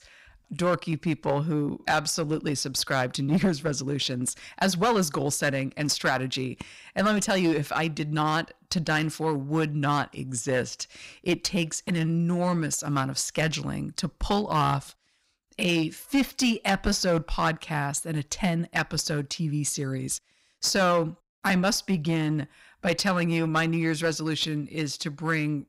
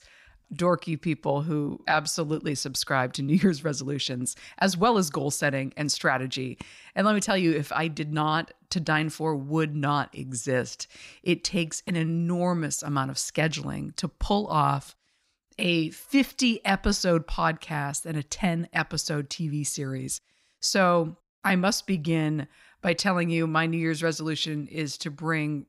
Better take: second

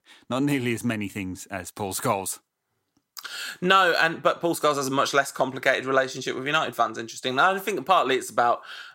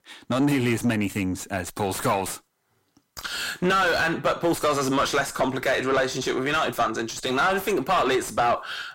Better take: first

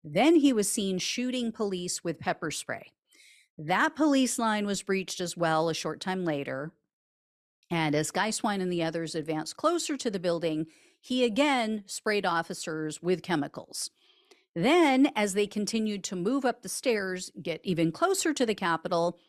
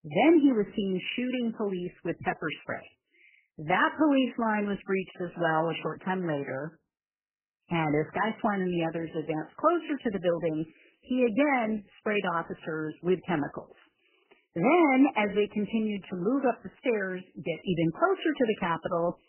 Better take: first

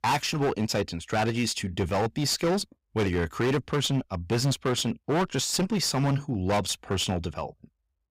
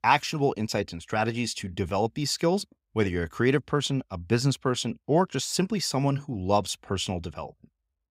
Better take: second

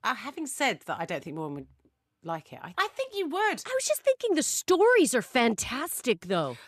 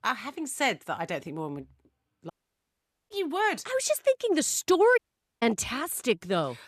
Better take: first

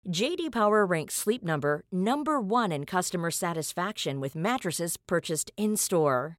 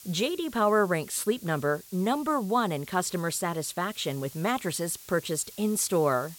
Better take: first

